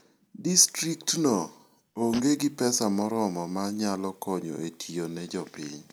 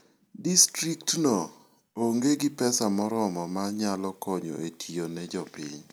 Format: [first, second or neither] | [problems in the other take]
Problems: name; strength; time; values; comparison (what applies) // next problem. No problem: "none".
second | background sound (Fart); 19 dB below the speech